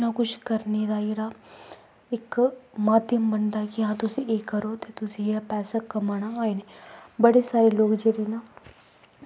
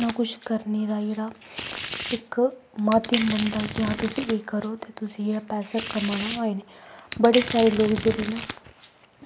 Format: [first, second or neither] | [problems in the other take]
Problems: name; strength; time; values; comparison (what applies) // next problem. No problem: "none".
first | background sound (Domestic sounds, home sounds); 10 dB below the speech